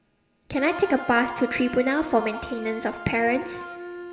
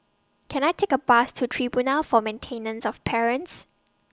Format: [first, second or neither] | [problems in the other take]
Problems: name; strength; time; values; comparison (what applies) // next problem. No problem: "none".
second | background sound (Wind instrument, woodwind instrument); 12 dB below the speech // room echo; dies away in 1.7 s